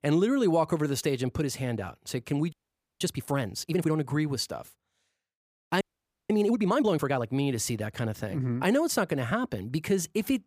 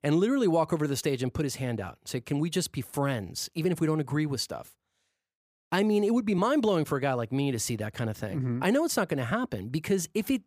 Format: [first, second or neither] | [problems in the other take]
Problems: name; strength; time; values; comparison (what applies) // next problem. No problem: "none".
second | audio freezing; at 2.5 s and at 6 s